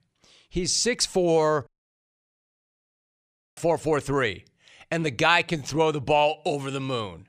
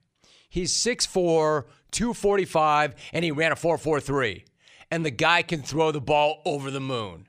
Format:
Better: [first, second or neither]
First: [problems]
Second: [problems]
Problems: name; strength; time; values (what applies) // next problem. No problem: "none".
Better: second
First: audio cutting out; at 1.5 s for 2 s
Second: none